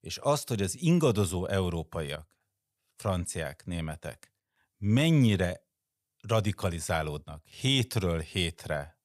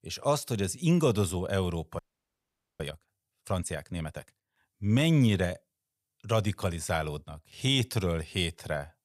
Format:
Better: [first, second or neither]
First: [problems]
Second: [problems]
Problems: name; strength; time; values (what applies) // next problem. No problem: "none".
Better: first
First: none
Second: audio freezing; at 2 s for 1 s